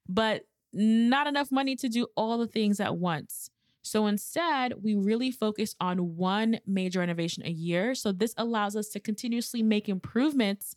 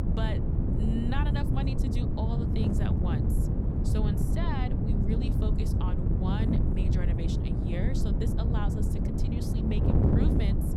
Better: first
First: none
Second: wind noise on the microphone; heavy; 2 dB above the speech

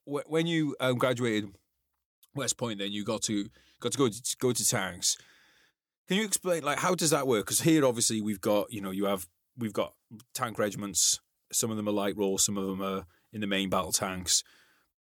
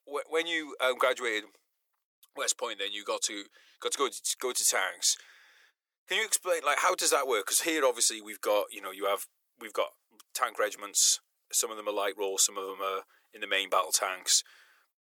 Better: first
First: none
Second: thin; very; fading below 450 Hz

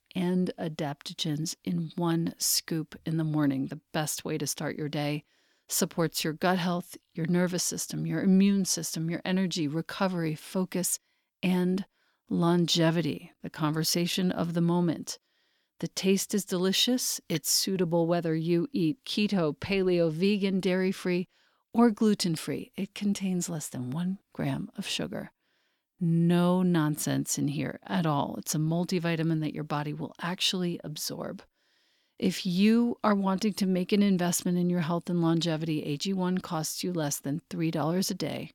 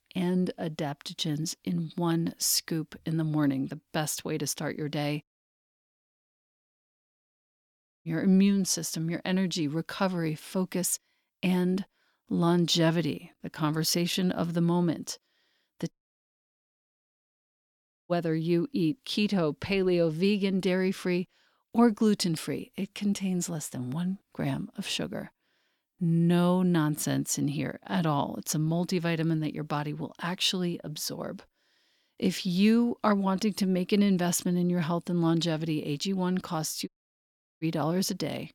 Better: first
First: none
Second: audio cutting out; at 5 s for 3 s, at 16 s for 2 s and at 37 s for 0.5 s

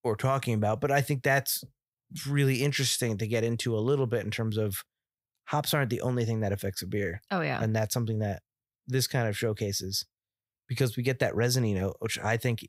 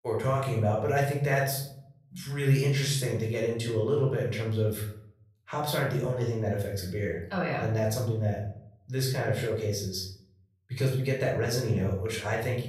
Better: first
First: none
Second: off-mic speech; far // room echo; noticeable; dies away in 0.6 s

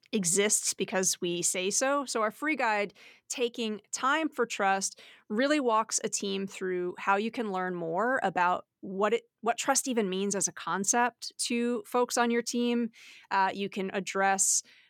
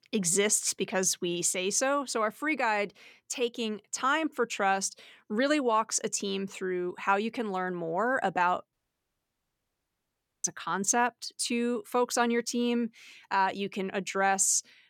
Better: first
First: none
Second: audio cutting out; at 8.5 s for 1.5 s

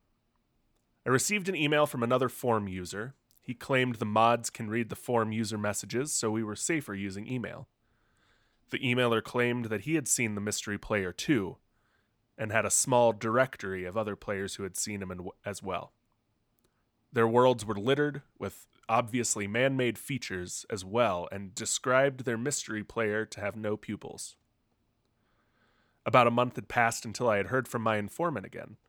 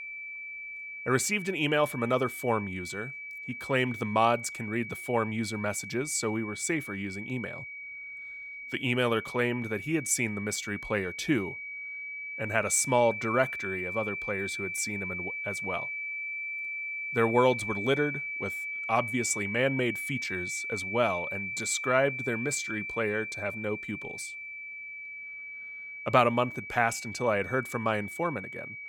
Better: first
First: none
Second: high-pitched whine; loud; throughout; 2.5 kHz, 6 dB below the speech

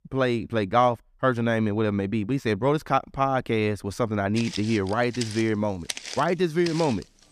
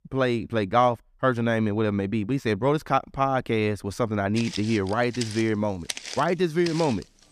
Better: neither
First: footsteps; noticeable; from 4.5 s on; peak 7 dB below the speech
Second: footsteps; noticeable; from 4.5 s on; peak 7 dB below the speech

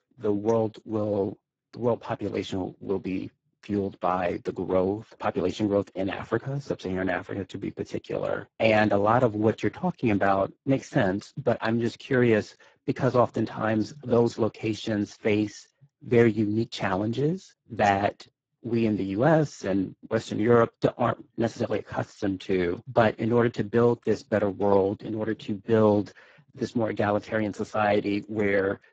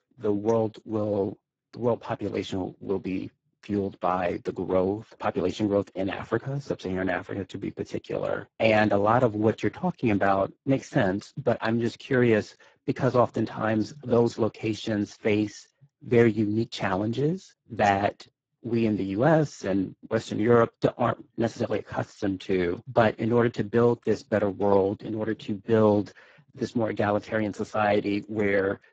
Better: neither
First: garbled, watery; badly; nothing above 7.5 kHz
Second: garbled, watery; badly; nothing above 7.5 kHz

